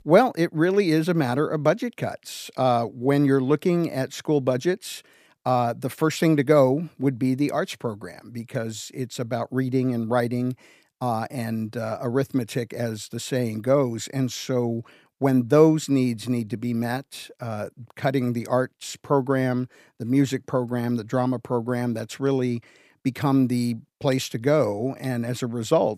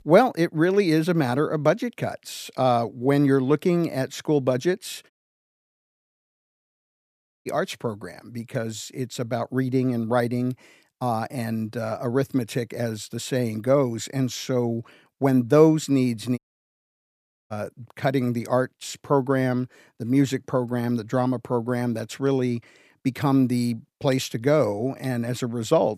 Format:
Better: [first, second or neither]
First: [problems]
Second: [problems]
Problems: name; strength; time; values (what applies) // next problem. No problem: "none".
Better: first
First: none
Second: audio cutting out; at 5 s for 2.5 s and at 16 s for 1 s